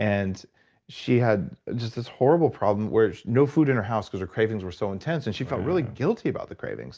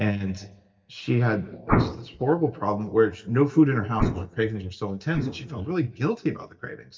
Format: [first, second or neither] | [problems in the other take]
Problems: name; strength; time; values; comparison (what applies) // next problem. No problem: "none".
first | noise reduction (neural mask model DeepFilterNet 3)